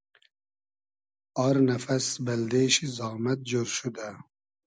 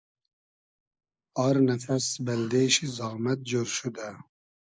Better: first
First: none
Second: noise reduction (neural mask model Resemble Enhance denoiser)

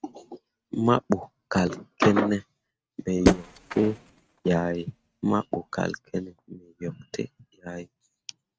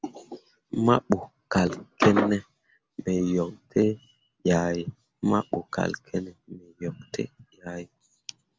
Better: second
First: noise reduction (neural mask model RNNoise)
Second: none

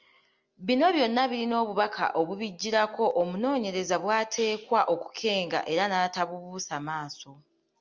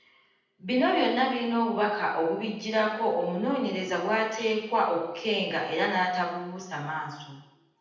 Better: first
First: none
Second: room echo; dies away in 0.9 s

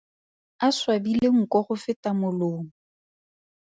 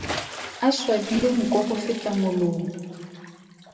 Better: first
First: none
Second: background sound (Bathtub (filling or washing) / Splash, splatter); 12 dB below the speech // room echo; dies away in 2 s

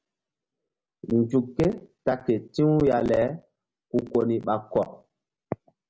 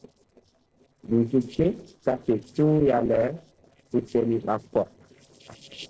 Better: first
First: none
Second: noise reduction (neural separator model SepFormer DNS4)

